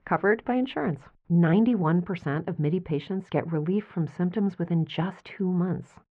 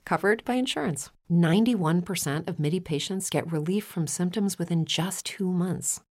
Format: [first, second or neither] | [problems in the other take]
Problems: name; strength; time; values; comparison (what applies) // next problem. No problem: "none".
second | muffled; very; fading above 2 kHz